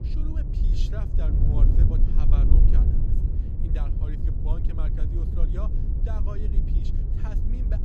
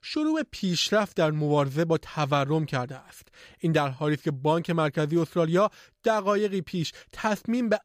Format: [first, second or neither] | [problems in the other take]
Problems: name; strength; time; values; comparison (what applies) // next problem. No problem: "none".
second | wind noise on the microphone; heavy; 2 dB above the speech